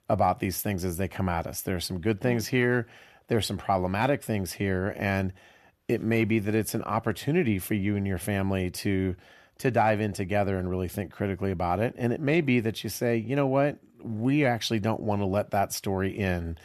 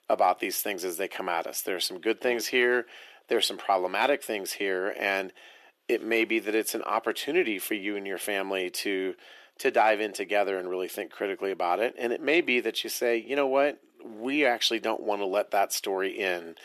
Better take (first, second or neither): first